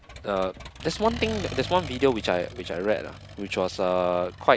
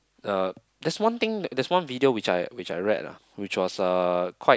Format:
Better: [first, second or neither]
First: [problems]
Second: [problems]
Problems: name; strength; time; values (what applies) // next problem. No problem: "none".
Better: second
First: background sound (Accelerating, revving, vroom); 13 dB below the speech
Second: none